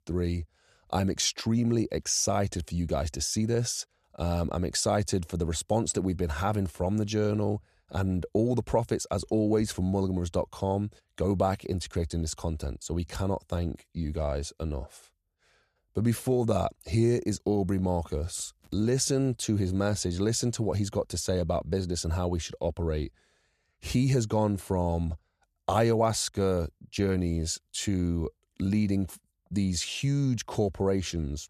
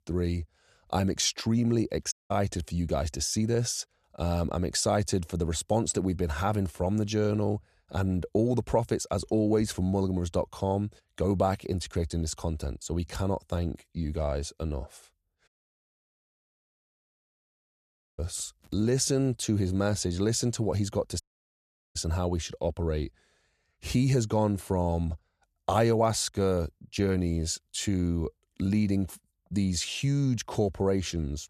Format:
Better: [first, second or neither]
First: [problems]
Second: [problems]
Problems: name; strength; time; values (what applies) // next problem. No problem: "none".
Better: first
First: none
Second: audio cutting out; at 2 s, at 15 s for 2.5 s and at 21 s for 1 s